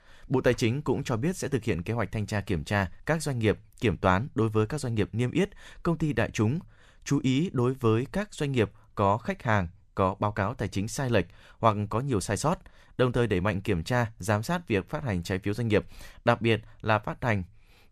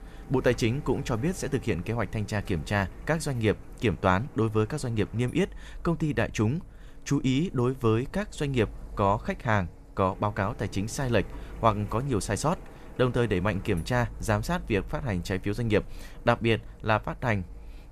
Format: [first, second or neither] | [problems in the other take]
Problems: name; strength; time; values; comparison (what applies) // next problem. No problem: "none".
first | household noises; noticeable; throughout; 20 dB below the speech